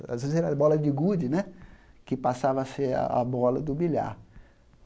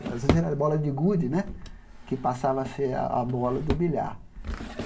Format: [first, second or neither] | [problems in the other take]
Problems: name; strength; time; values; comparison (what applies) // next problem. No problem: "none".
first | background sound (Drawer open or close); 8 dB below the speech // room echo; dies away in 0.2 s